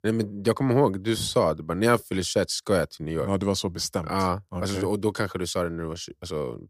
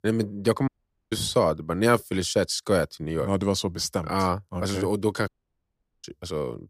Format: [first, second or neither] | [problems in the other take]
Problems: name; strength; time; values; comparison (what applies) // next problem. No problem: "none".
first | audio cutting out; at 0.5 s and at 5.5 s for 1 s